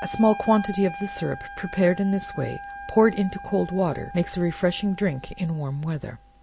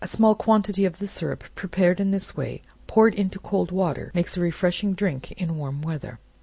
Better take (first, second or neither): second